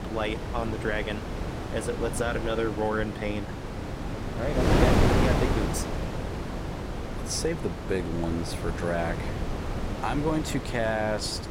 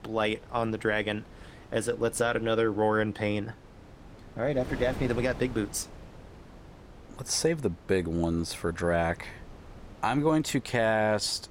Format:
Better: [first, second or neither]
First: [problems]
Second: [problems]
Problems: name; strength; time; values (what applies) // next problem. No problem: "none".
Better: second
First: wind noise on the microphone; heavy; 3 dB below the speech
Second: wind noise on the microphone; occasional gusts; 20 dB below the speech